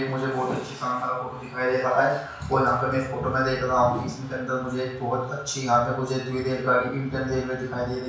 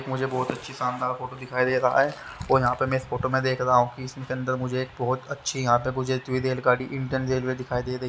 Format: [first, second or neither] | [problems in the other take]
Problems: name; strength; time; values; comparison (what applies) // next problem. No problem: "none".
second | background sound (Whoosh, swoosh, swish); 14 dB below the speech // room echo; dies away in 0.5 s